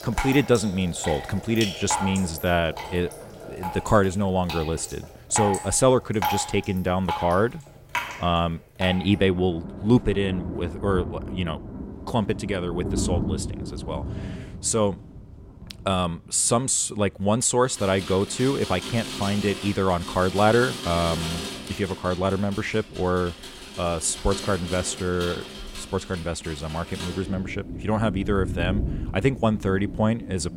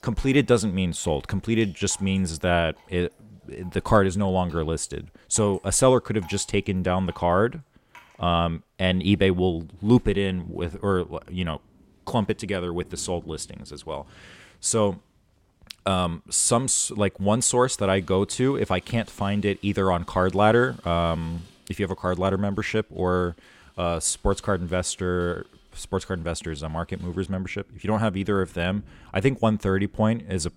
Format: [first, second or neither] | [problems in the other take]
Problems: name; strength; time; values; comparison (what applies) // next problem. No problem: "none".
second | rain or running water; loud; throughout; 9 dB below the speech; faint in the second